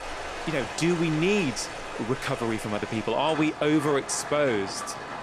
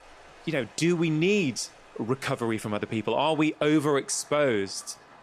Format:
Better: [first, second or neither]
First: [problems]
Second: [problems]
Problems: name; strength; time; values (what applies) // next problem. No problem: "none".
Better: second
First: rain or running water; loud; throughout; 9 dB below the speech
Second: rain or running water; faint; throughout; 25 dB below the speech